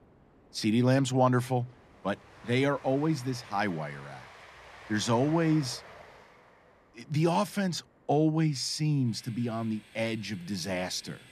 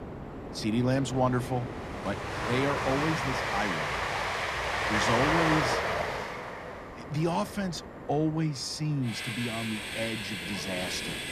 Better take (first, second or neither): first